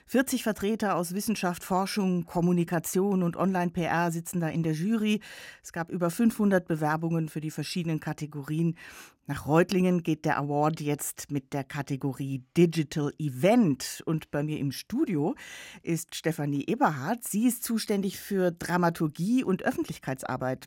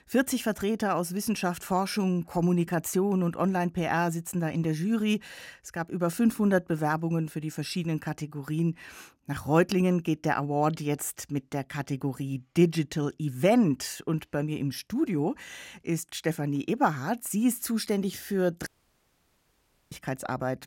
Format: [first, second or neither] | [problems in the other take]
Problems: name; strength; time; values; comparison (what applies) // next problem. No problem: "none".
first | audio cutting out; at 19 s for 1 s